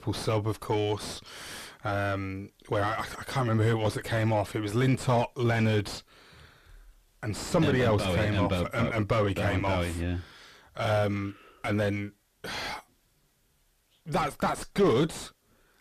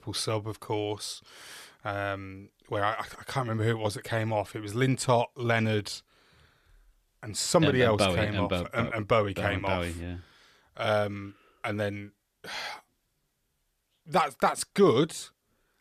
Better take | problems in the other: second | distortion; heavy; 5 dB below the speech

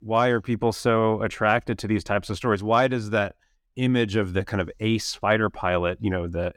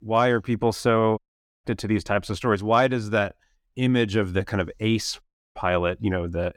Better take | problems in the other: first | audio cutting out; at 1 s and at 5 s

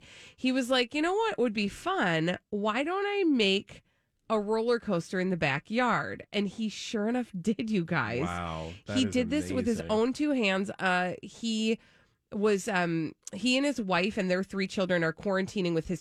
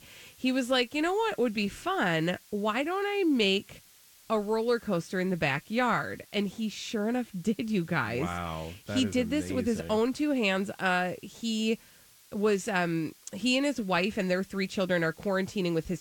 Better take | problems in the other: first | hiss; faint; throughout; 25 dB below the speech

